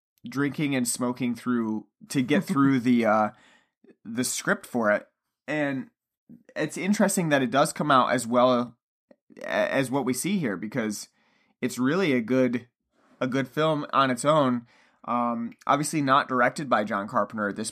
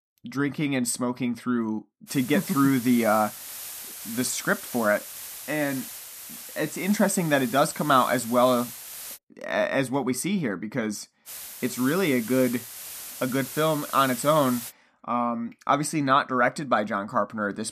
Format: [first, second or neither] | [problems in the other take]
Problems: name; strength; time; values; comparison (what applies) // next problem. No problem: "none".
first | hiss; noticeable; from 2 to 9 s and from 11 to 15 s; 10 dB below the speech